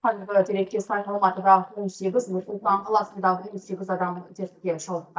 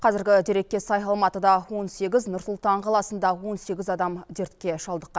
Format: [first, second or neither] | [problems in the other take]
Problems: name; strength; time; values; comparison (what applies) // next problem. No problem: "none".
second | noise reduction (neural mask model DeepFilterNet 3)